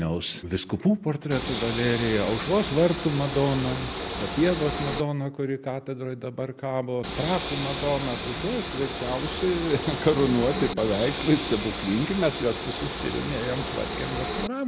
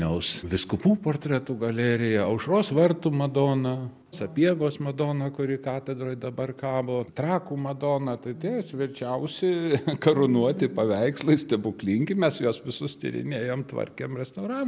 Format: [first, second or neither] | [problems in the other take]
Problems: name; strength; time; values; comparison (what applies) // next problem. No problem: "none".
second | background sound (Train); 5 dB below the speech